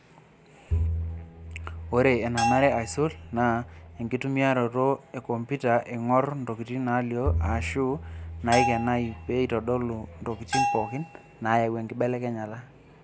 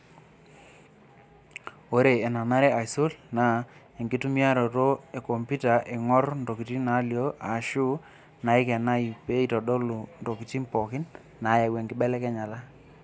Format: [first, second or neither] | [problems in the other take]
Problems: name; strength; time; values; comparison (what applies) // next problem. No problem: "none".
second | background sound (Bowed string instrument + Bell); 4 dB below the speech